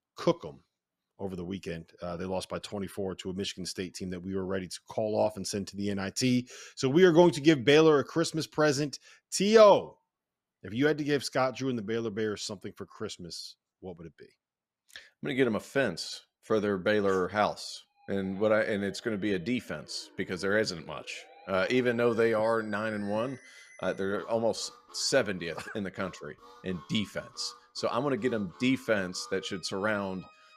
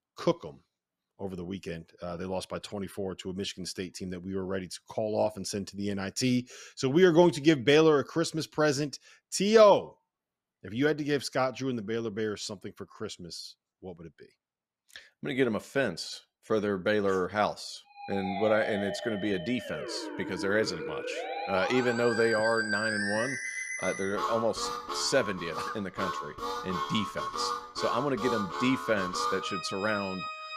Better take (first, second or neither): first